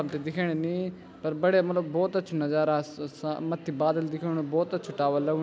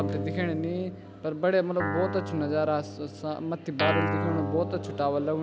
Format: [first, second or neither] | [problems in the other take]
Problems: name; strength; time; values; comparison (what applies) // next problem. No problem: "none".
first | background sound (Guitar); 4 dB below the speech